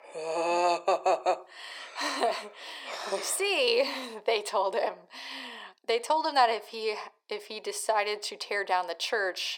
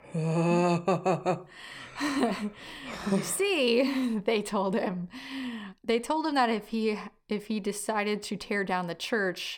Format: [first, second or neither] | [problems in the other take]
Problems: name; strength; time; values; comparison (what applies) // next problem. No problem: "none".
second | thin; very; fading below 400 Hz